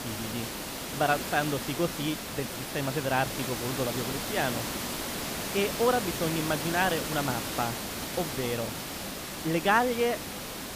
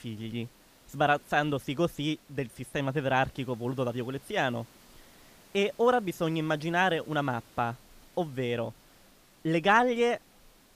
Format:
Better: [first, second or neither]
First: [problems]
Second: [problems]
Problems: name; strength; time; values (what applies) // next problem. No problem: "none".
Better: second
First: hiss; loud; throughout; 3 dB below the speech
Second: hiss; faint; throughout; 25 dB below the speech